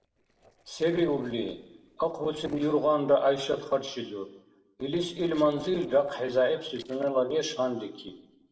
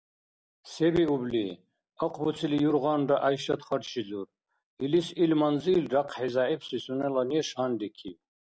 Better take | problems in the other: second | noise reduction (neural separator model SepFormer DNS4)

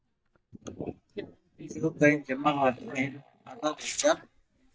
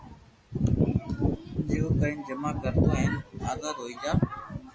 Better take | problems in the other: second | noise reduction (neural mask model DeepFilterNet 3)

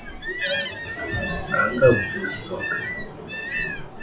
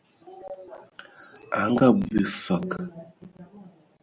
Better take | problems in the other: second | noise reduction (classical method WPE with log-MMSE)

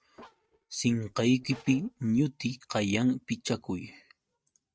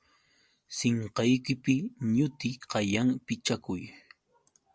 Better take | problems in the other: second | noise reduction (neural mask model RNNoise)

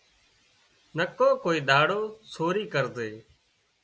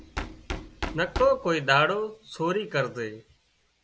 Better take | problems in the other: first | background sound (Knock); 11 dB below the speech

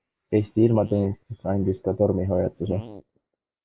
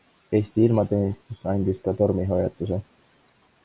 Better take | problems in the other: second | noise reduction (neural mask model Resemble Enhance denoiser)

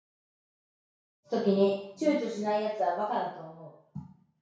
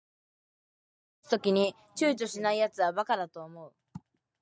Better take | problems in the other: second | room echo; dies away in 0.6 s

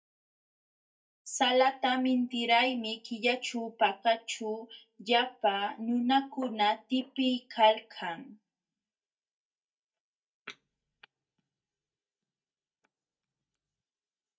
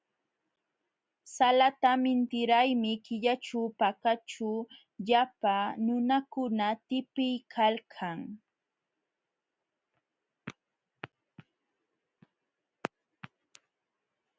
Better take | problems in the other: second | noise reduction (neural mask model DeepFilterNet 3)

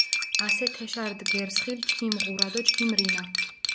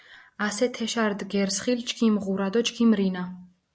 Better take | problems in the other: second | background sound (Cutlery, silverware); 5 dB above the speech

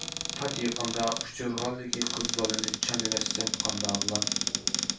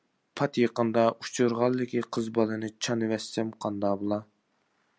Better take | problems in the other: second | background sound (Cupboard open or close); 3 dB above the speech // room echo; dies away in 0.3 s

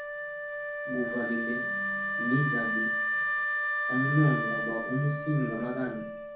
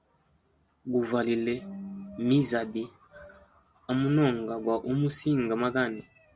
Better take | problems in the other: second | background sound (Wind instrument, woodwind instrument); as loud as the speech // room echo; dies away in 0.6 s

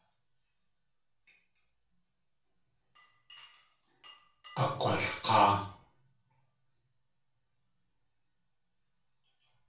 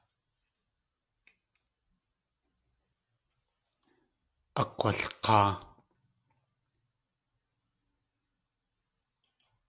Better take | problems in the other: second | background sound (Glass); 20 dB below the speech // room echo; dies away in 0.3 s

